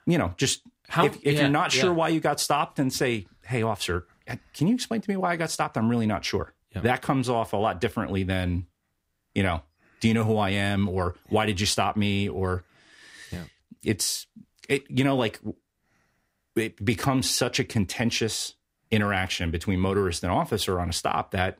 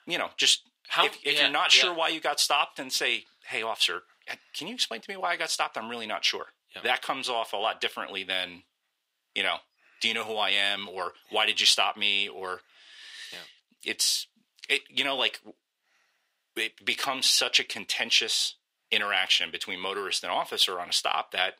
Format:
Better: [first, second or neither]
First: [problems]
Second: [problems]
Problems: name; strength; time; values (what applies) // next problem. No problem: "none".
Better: first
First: none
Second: thin; very; fading below 600 Hz